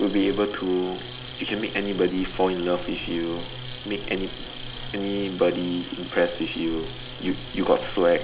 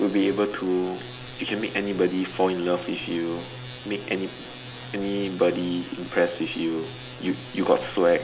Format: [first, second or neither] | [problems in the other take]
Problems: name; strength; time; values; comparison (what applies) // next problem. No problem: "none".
second | background sound (Insect); 12 dB below the speech